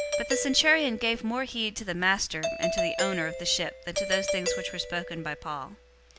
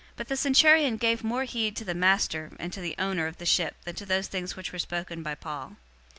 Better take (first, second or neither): second